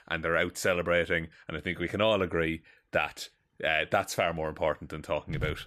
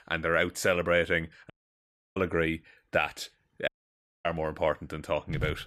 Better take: first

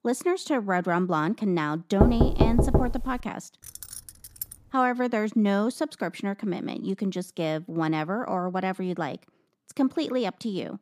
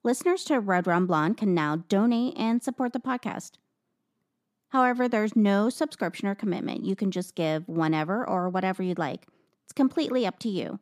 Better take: second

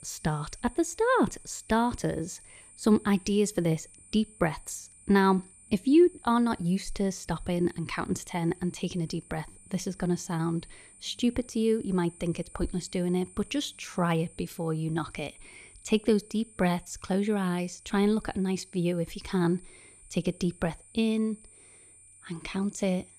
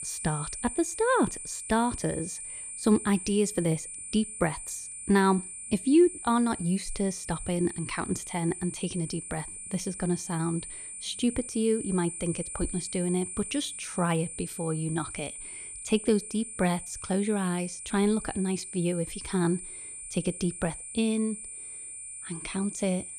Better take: first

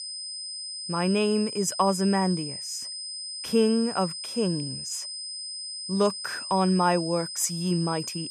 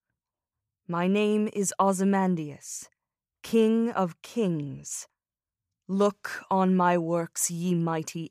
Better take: second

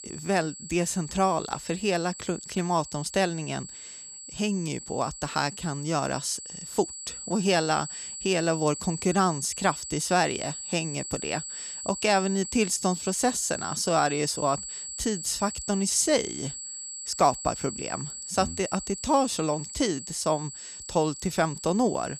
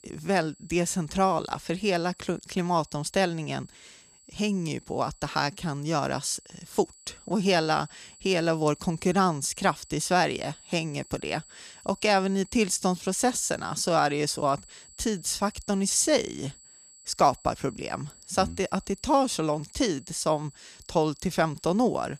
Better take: second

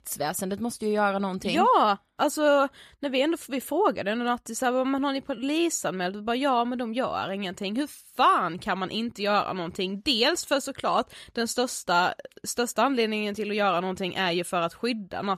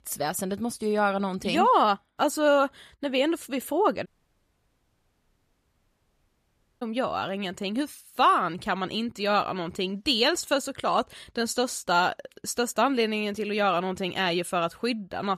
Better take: first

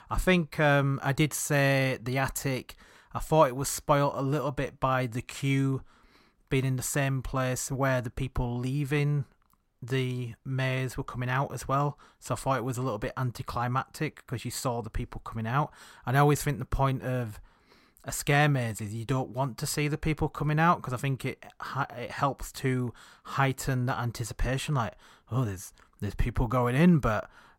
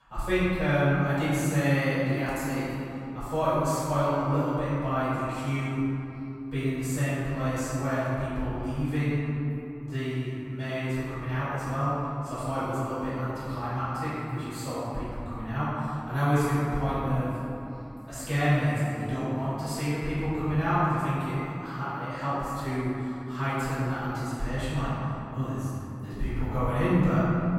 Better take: first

